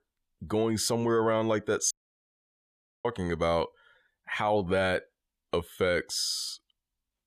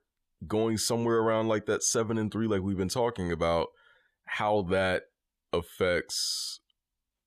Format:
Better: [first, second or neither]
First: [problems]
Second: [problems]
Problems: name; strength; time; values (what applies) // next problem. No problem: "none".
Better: second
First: audio cutting out; at 2 s for 1 s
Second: none